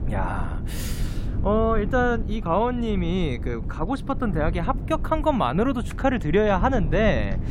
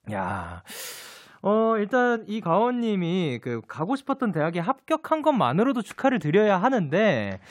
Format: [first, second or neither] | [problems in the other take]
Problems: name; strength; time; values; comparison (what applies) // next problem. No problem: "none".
second | low rumble; noticeable; throughout; 15 dB below the speech